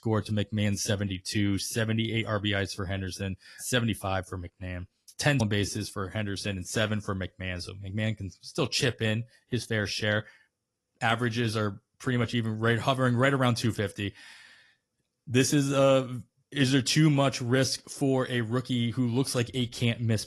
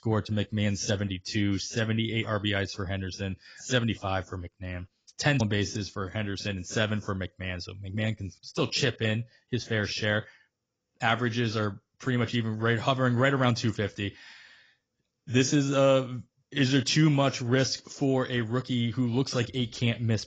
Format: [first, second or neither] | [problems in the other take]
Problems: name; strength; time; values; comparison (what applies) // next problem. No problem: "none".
first | garbled, watery; badly; slightly in the first